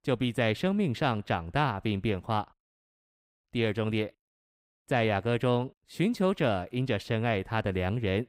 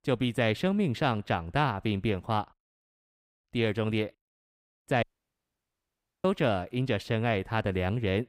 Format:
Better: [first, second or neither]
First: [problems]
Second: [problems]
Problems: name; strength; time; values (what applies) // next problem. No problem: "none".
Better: first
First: none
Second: audio cutting out; at 5 s for 1 s